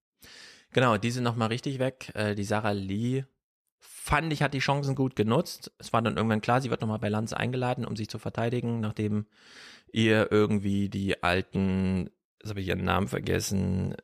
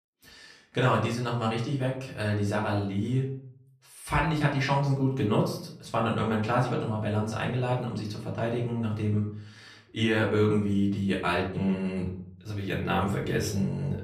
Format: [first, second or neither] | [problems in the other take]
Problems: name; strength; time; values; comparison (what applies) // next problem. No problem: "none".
first | room echo; slight; dies away in 0.5 s // off-mic speech; far